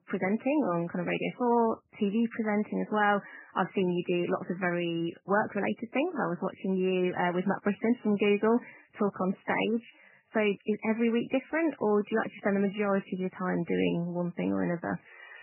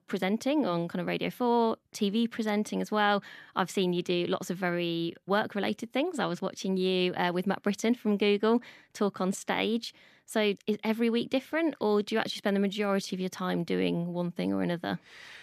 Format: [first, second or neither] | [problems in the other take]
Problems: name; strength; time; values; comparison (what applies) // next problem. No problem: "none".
second | garbled, watery; badly; nothing above 3 kHz